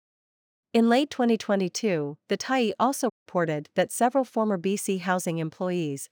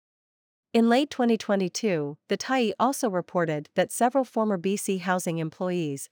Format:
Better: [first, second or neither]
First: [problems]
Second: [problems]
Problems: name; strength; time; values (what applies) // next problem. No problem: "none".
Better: second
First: audio cutting out; at 3 s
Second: none